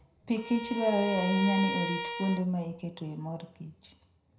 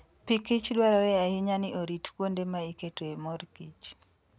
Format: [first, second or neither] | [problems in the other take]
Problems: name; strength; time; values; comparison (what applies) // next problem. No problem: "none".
second | background sound (Bowed string instrument); 5 dB below the speech // room echo; dies away in 0.5 s